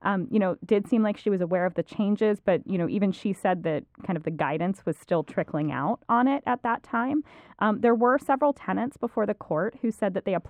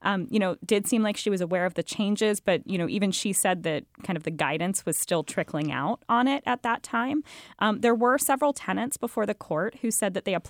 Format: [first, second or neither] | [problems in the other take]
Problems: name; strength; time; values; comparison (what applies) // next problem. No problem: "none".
second | muffled; very; fading above 3.5 kHz